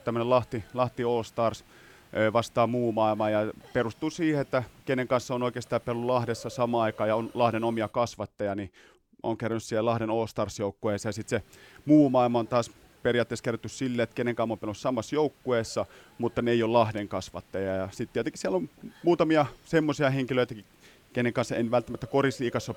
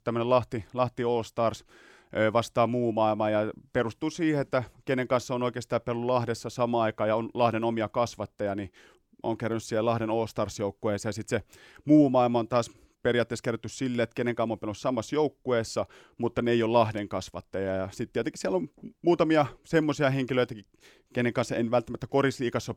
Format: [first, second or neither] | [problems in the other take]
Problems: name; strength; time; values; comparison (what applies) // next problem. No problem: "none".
second | hiss; faint; until 8 s and from 11 s on; 25 dB below the speech